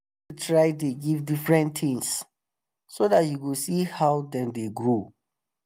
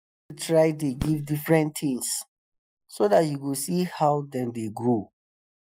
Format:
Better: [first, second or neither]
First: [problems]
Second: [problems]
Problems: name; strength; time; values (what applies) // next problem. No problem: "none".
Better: first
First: none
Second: noise reduction (classical method Wiener filter)